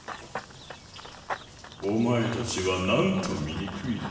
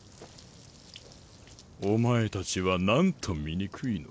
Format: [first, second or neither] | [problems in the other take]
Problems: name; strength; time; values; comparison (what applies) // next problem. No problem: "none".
second | background sound (Run / Bird vocalization, bird call, bird song); 12 dB below the speech // room echo; dies away in 1.2 s